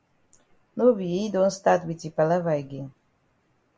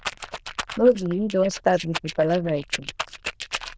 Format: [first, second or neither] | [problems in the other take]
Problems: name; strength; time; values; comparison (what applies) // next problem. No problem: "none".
first | noise reduction (neural diffusion model UNIVERSE++)